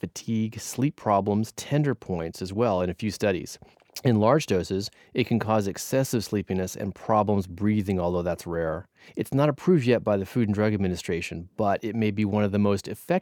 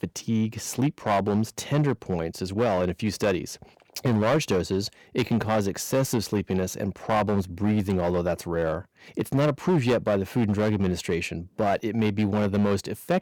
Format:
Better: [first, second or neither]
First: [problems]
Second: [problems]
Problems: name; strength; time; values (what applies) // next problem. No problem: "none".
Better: first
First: none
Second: distortion; slight; 8% of the sound clipped